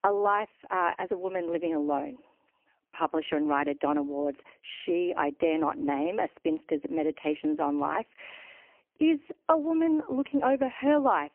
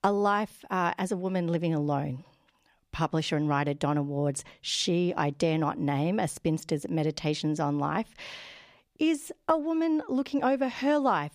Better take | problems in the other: second | phone-call audio; poor line; nothing above 3 kHz

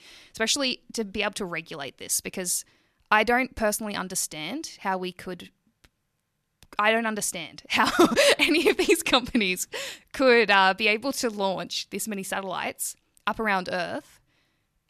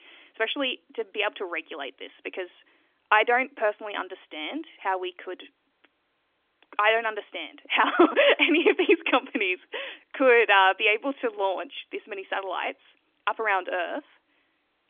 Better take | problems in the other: first | phone-call audio; nothing above 3.5 kHz

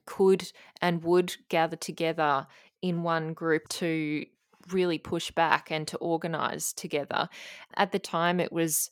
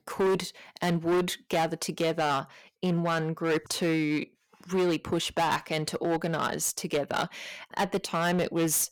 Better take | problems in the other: first | distortion; heavy; 12% of the sound clipped

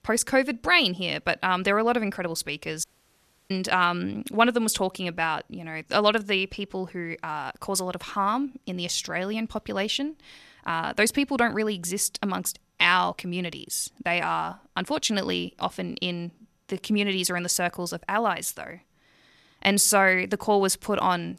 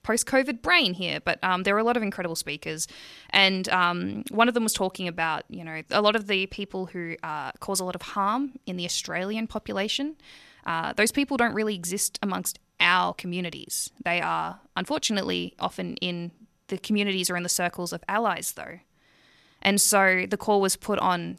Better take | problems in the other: second | audio cutting out; at 3 s for 0.5 s

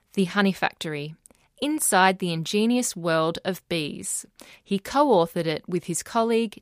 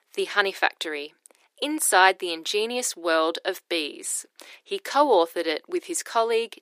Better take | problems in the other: first | thin; very; fading below 300 Hz

